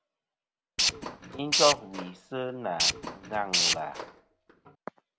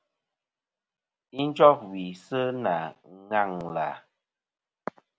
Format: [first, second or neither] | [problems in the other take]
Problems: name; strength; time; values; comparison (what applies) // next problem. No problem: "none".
second | background sound (Tools); 3 dB above the speech